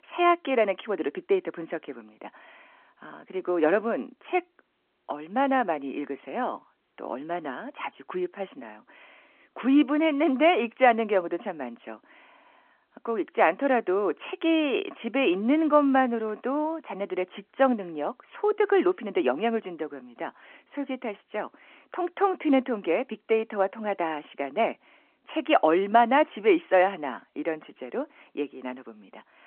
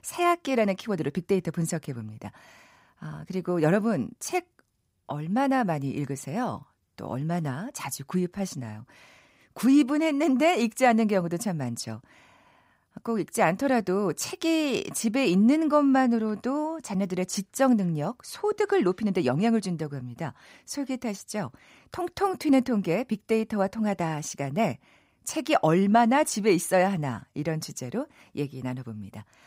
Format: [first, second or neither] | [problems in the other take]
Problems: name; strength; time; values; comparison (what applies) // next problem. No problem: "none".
second | phone-call audio